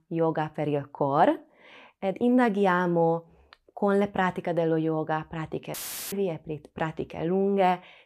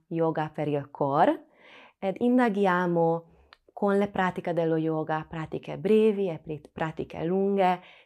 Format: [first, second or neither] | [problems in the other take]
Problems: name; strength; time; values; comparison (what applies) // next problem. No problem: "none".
second | audio cutting out; filled with static; at 5.5 s